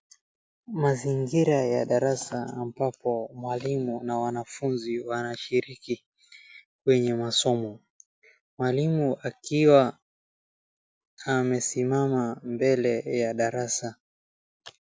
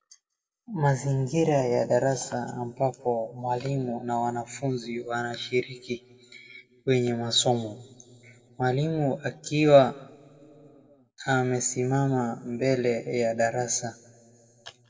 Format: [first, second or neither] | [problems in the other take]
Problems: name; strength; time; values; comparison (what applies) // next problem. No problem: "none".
first | room echo; dies away in 1.3 s